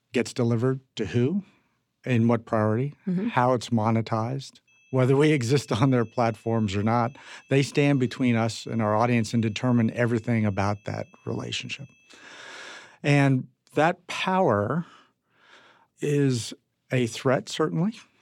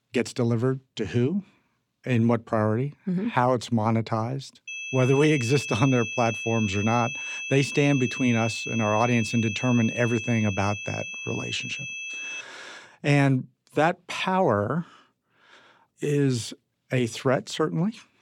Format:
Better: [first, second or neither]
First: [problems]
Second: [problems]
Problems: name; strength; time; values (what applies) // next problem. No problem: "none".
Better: first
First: high-pitched whine; faint; from 4.5 to 12 s; 2.5 kHz, 30 dB below the speech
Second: high-pitched whine; loud; from 4.5 to 12 s; 2.5 kHz, 6 dB below the speech